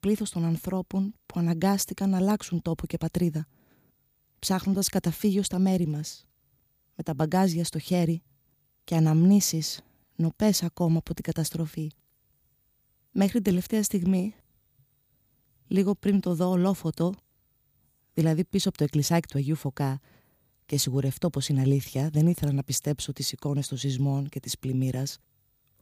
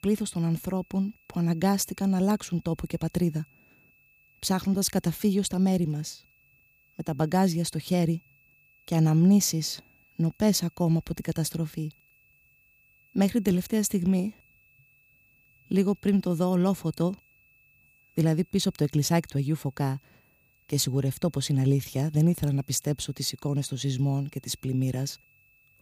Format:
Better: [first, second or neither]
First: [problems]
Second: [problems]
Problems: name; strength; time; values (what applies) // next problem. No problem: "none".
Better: first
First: none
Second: high-pitched whine; faint; throughout; 2.5 kHz, 35 dB below the speech